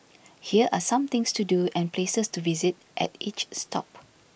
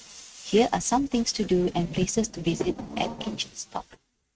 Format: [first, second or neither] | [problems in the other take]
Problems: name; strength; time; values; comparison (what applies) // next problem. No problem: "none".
first | noise reduction (neural mask model RNNoise)